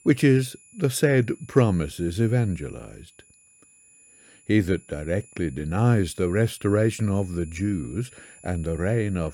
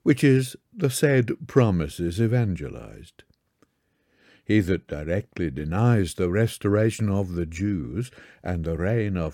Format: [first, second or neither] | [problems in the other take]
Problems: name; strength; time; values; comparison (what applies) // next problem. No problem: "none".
second | high-pitched whine; faint; throughout; 10 kHz, 25 dB below the speech